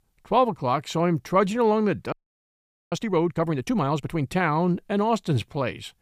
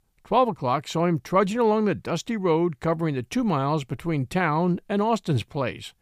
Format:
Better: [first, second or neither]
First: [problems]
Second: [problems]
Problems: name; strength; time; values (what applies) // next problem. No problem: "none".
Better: second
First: audio freezing; at 2 s for 1 s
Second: none